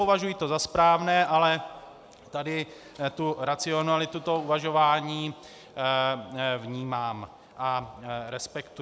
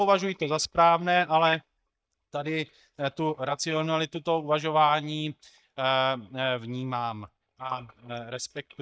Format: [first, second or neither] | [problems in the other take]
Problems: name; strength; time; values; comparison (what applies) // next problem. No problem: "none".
first | noise reduction (neural mask model DeepFilterNet 3)